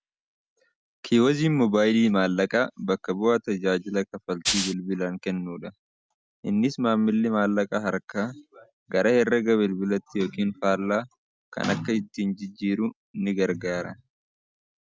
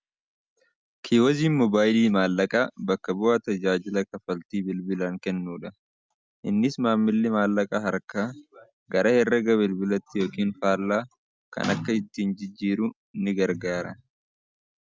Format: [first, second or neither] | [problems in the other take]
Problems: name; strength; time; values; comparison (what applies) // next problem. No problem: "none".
second | background sound (Rattle (instrument)); 2 dB below the speech